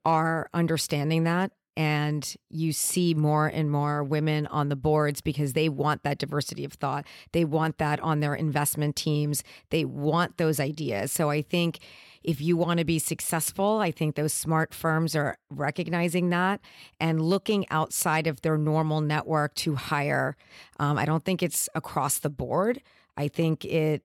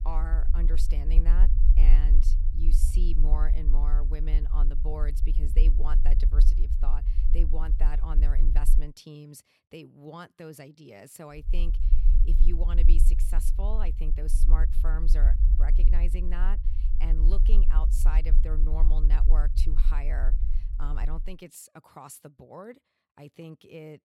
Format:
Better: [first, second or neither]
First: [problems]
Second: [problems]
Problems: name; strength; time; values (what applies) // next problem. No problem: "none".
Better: first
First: none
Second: low rumble; loud; until 9 s and from 11 to 21 s; 7 dB below the speech